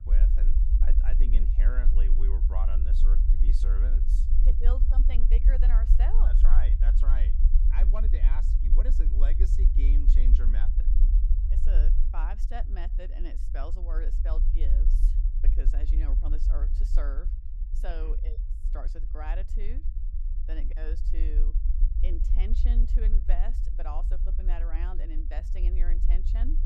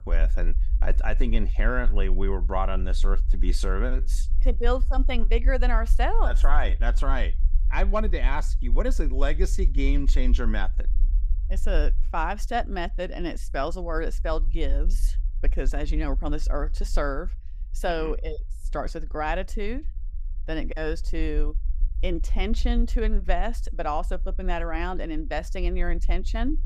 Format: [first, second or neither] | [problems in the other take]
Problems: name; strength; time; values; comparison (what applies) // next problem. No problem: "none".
second | low rumble; loud; throughout; 5 dB below the speech; faint in the second